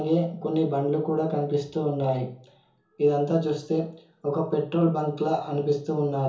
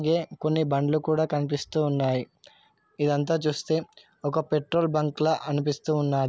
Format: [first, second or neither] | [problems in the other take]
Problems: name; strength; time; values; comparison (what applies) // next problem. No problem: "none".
second | room echo; dies away in 0.6 s